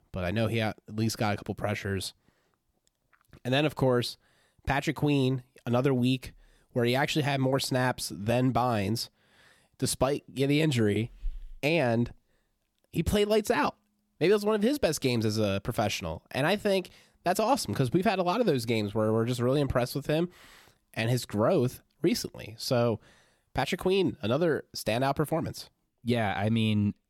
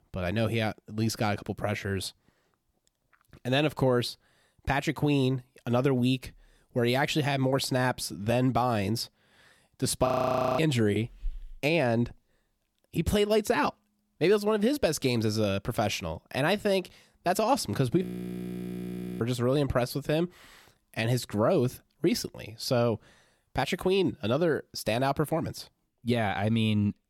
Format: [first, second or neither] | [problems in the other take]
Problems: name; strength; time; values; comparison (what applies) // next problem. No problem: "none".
first | audio freezing; at 10 s for 0.5 s and at 18 s for 1 s